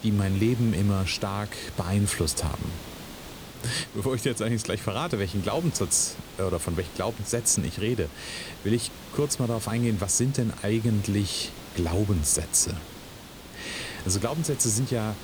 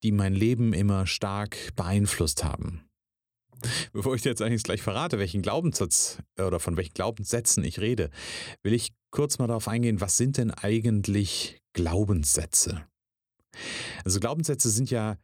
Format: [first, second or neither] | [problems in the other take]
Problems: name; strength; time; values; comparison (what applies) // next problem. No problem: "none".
second | hiss; noticeable; throughout; 15 dB below the speech